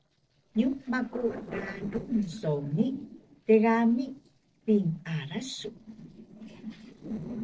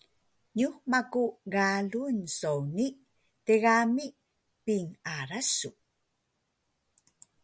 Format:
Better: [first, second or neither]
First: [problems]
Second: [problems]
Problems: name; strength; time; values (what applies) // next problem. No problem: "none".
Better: second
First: noise reduction (neural separator model SepFormer DNS4)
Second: none